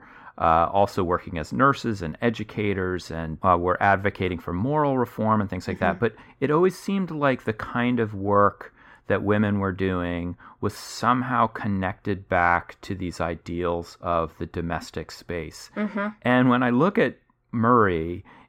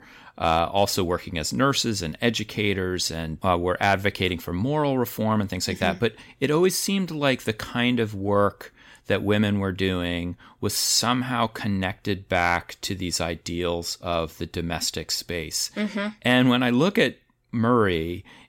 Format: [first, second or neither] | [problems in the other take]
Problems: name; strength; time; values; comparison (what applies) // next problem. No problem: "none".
second | muffled; very; fading above 2.5 kHz